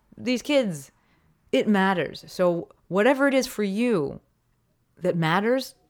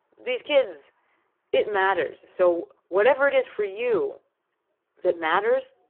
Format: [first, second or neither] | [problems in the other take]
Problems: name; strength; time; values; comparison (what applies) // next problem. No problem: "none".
first | phone-call audio; poor line